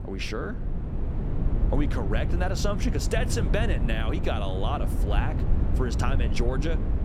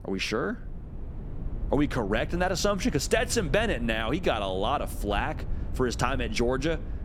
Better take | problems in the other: second | low rumble; loud; throughout; 8 dB below the speech; faint in the second

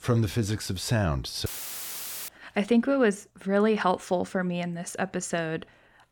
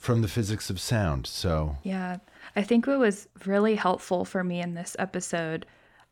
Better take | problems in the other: second | audio cutting out; filled with static; at 1.5 s for 1 s

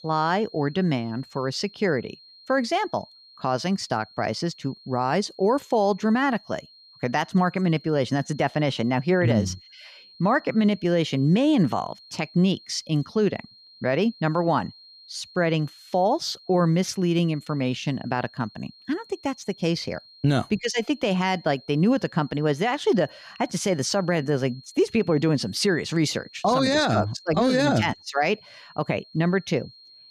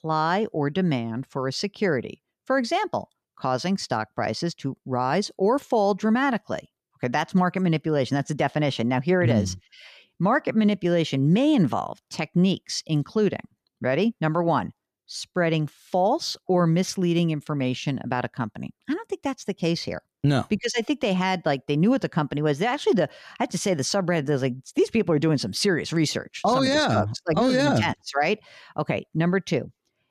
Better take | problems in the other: second | high-pitched whine; faint; throughout; 4 kHz, 25 dB below the speech

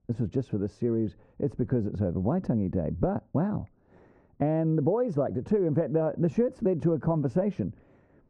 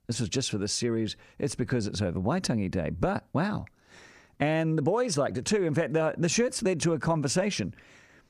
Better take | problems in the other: second | muffled; very; fading above 2 kHz

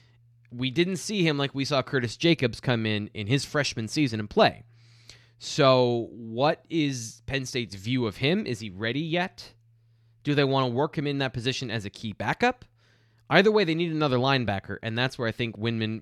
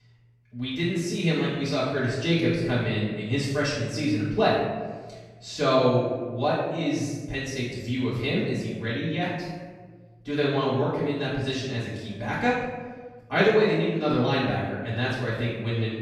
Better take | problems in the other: first | room echo; noticeable; dies away in 1.3 s // off-mic speech; far

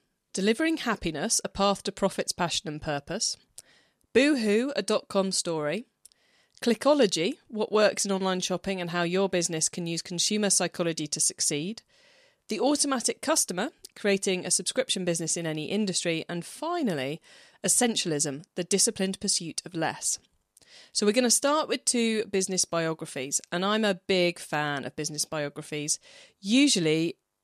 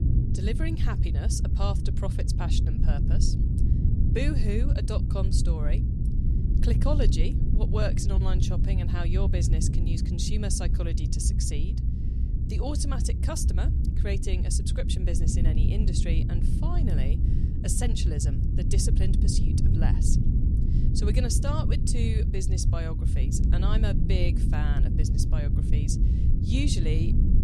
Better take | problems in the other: first | low rumble; loud; throughout; 3 dB below the speech

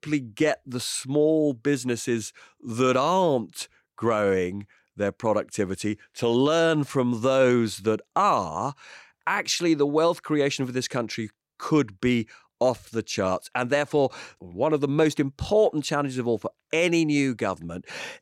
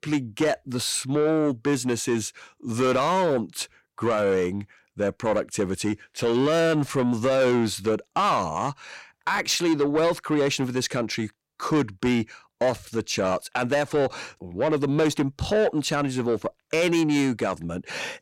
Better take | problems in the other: first | distortion; slight; 10 dB below the speech

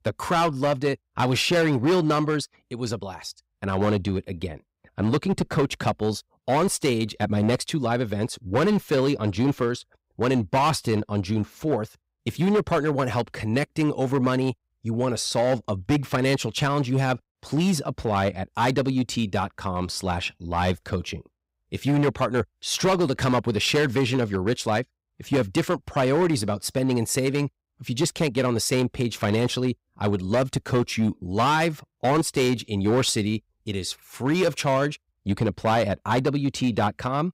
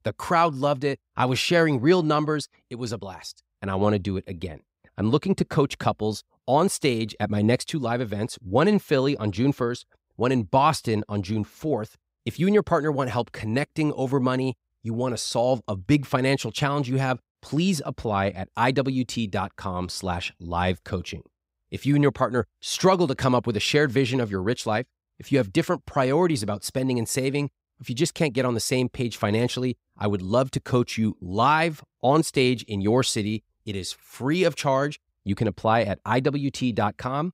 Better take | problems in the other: second | distortion; slight; 8% of the sound clipped

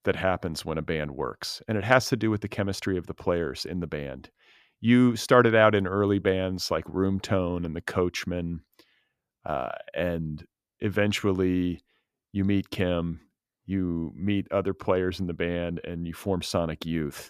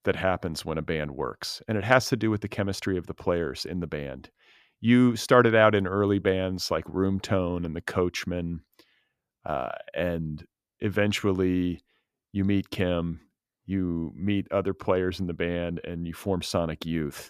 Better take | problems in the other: neither | none

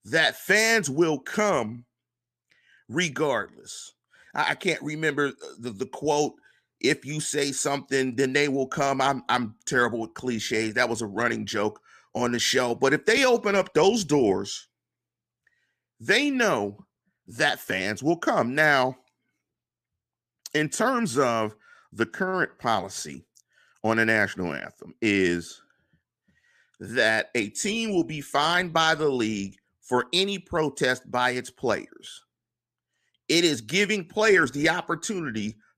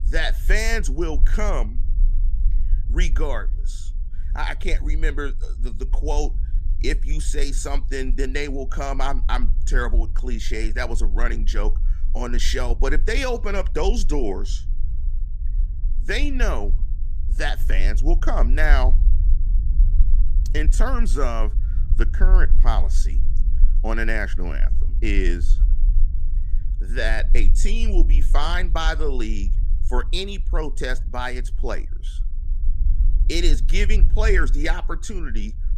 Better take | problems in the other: first | low rumble; faint; throughout; 20 dB below the speech

